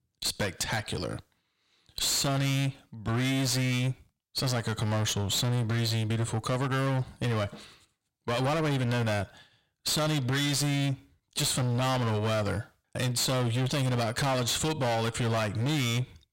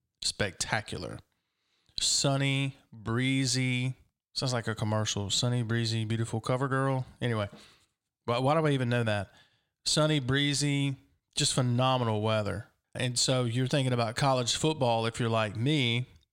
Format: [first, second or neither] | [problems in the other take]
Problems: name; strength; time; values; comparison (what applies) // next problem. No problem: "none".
second | distortion; heavy; 29% of the sound clipped